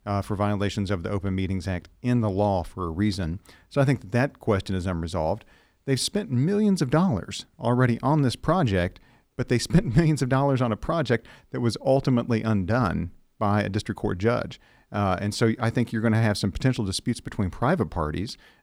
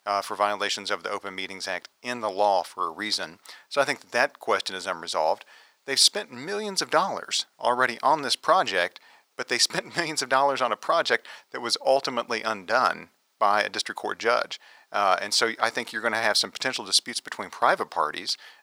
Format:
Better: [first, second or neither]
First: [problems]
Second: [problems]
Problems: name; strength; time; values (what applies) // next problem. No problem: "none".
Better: first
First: none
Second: thin; very; fading below 800 Hz